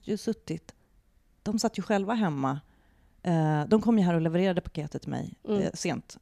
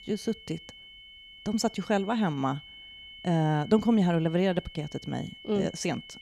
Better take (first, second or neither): first